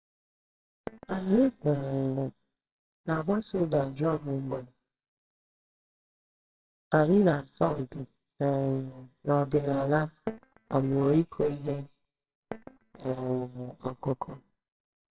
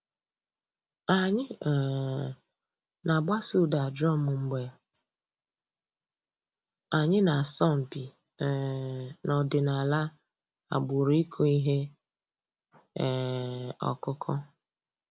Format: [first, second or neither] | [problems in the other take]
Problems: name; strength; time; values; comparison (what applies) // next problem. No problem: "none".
second | noise reduction (neural separator model SepFormer WHAMR!)